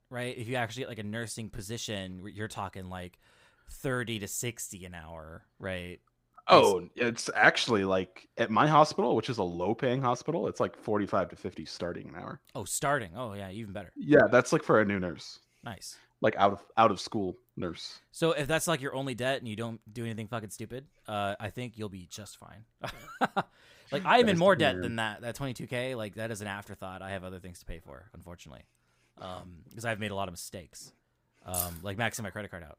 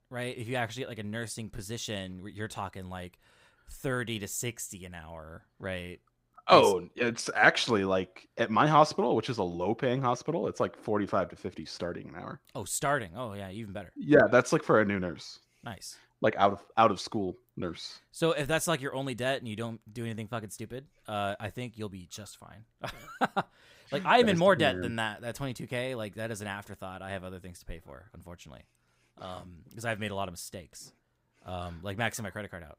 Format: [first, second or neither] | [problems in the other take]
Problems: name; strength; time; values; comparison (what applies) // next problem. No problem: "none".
second | jangling keys; noticeable; at 32 s; peak 4 dB below the speech